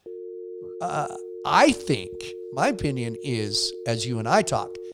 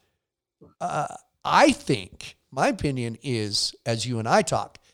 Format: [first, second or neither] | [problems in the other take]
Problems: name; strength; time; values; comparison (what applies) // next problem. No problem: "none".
second | phone ringing; faint; peak 15 dB below the speech